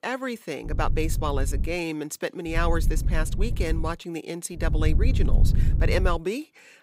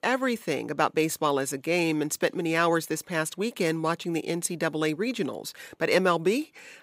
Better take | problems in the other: second | low rumble; noticeable; from 0.5 to 1.5 s, from 2.5 to 4 s and from 4.5 to 6 s; 10 dB below the speech

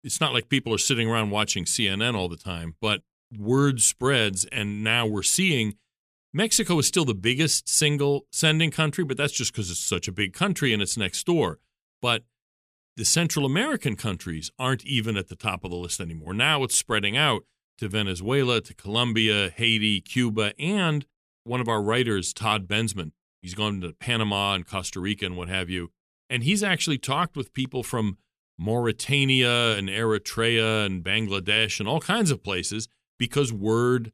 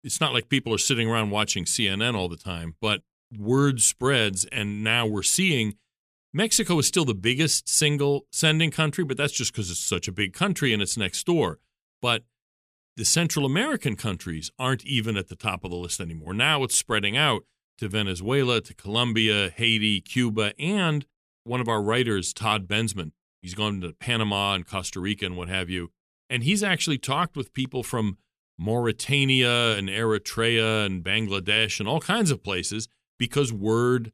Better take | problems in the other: neither | none

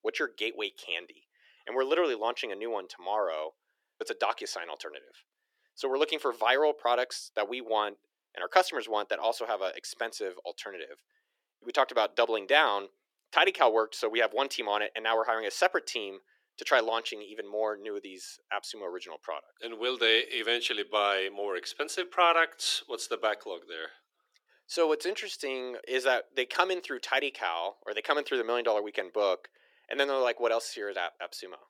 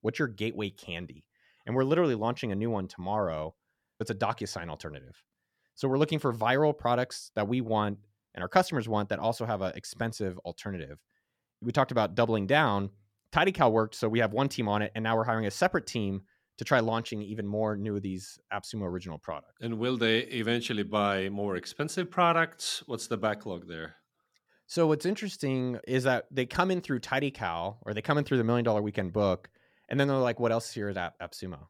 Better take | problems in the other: second | thin; very; fading below 350 Hz

